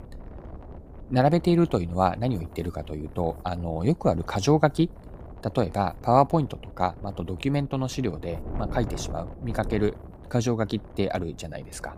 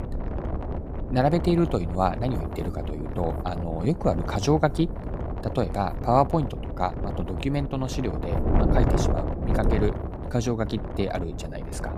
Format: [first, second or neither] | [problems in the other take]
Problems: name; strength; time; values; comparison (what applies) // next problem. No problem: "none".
first | wind noise on the microphone; heavy; 7 dB below the speech; occasional gusts in the first